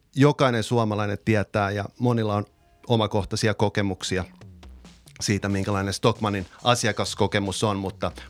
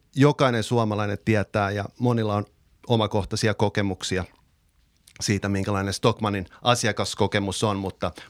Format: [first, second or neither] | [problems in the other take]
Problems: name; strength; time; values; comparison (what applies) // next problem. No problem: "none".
second | background music; faint; throughout; 25 dB below the speech